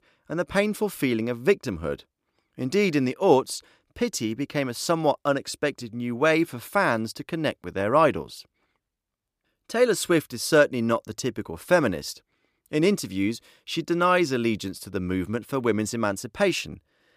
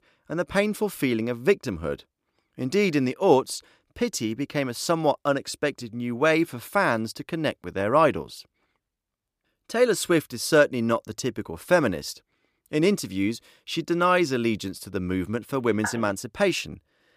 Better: first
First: none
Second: phone ringing; noticeable; at 16 s; peak 9 dB below the speech

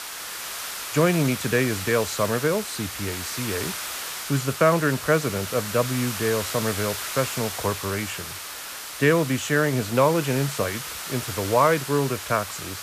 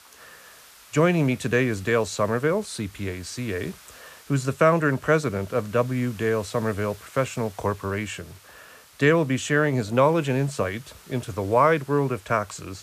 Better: second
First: hiss; loud; throughout; 7 dB below the speech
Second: hiss; faint; throughout; 25 dB below the speech

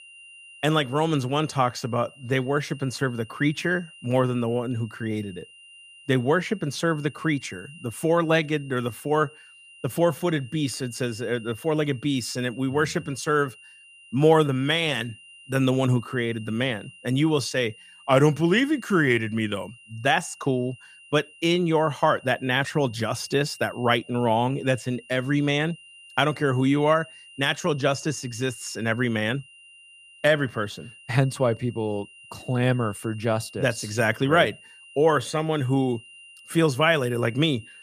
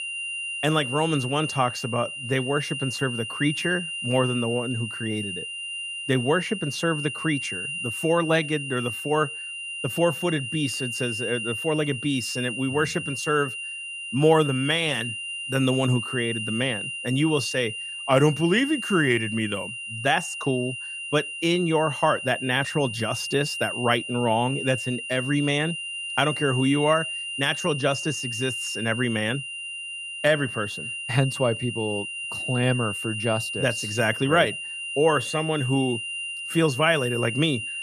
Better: first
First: high-pitched whine; faint; throughout; 3 kHz, 20 dB below the speech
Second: high-pitched whine; loud; throughout; 3 kHz, 5 dB below the speech

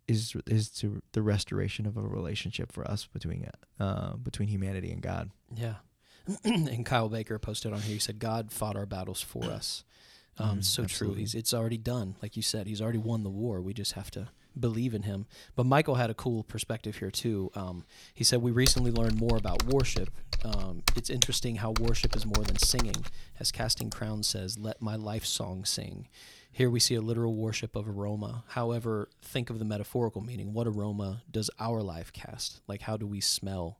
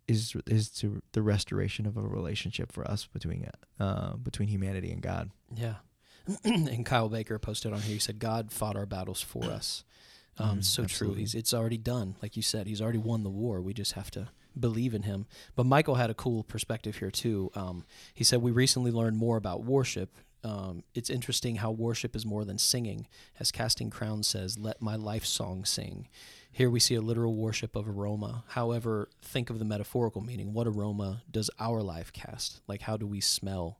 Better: second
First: keyboard typing; loud; from 19 to 24 s; peak 5 dB above the speech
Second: none

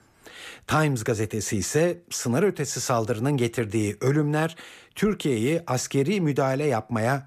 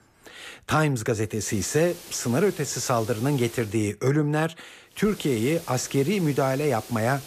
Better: first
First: none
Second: hiss; noticeable; from 1.5 to 3.5 s and from 5 s on; 15 dB below the speech

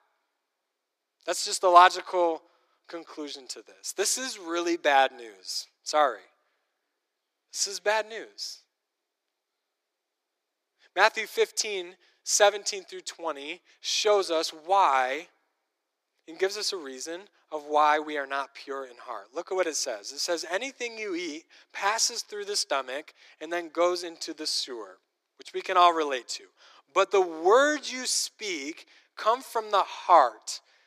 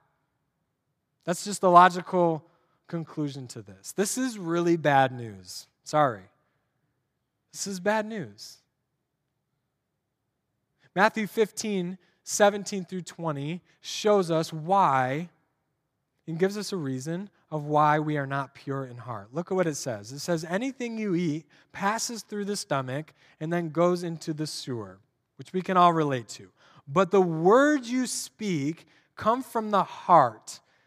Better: second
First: thin; very; fading below 350 Hz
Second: none

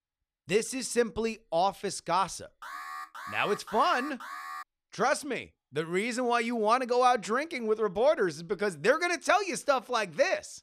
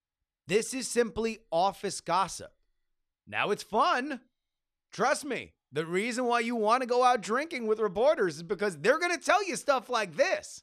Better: second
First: alarm; faint; from 2.5 to 4.5 s; peak 10 dB below the speech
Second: none

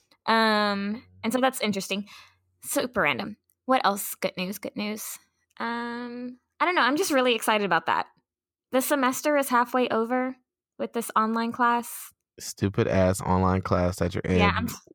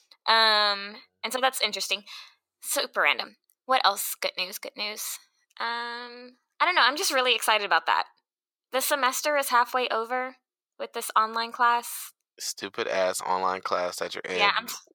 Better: first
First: none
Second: thin; very; fading below 650 Hz

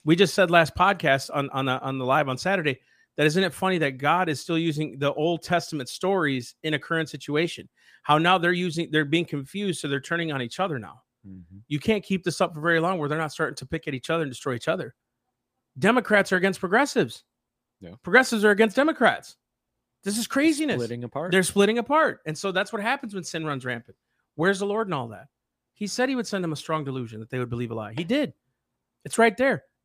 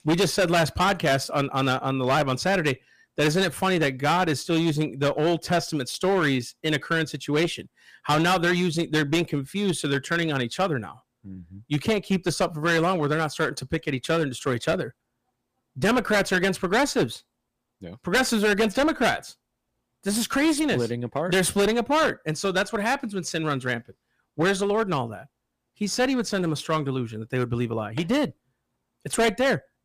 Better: first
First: none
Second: distortion; heavy; 12% of the sound clipped

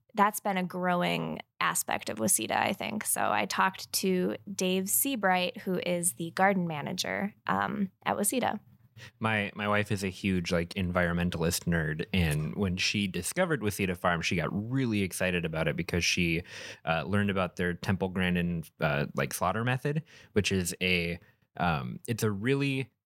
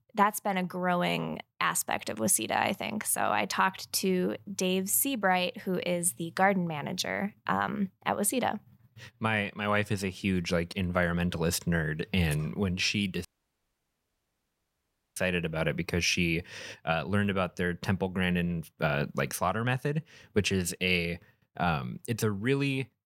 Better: first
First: none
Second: audio cutting out; at 13 s for 2 s

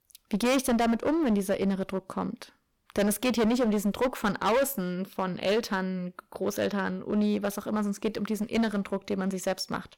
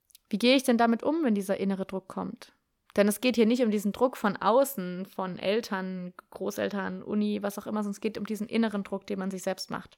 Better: second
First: distortion; heavy; 12% of the sound clipped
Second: none

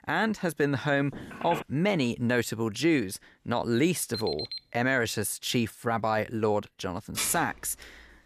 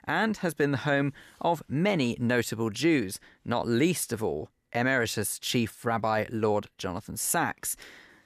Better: second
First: phone ringing; noticeable; at 1 s; peak 9 dB below the speech // alarm; noticeable; at 4 s; peak 6 dB below the speech // clattering dishes; noticeable; at 7 s; peak 5 dB below the speech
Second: none

